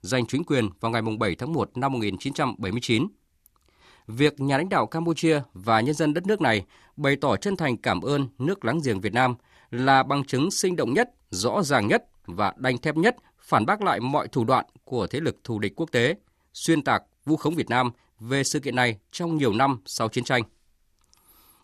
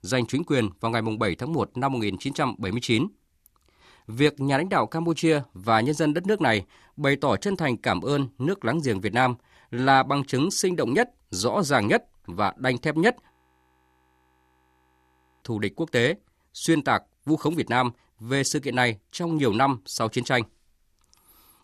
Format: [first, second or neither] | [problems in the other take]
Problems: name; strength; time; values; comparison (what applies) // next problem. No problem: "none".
first | audio freezing; at 13 s for 2 s